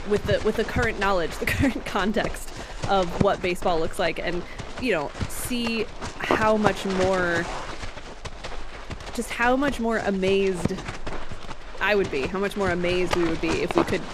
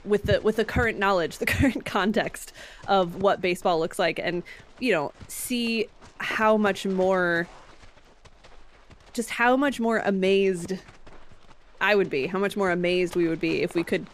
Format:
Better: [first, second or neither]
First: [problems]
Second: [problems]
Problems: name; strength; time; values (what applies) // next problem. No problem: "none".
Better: second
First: animal sounds; loud; throughout; 8 dB below the speech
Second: animal sounds; faint; throughout; 25 dB below the speech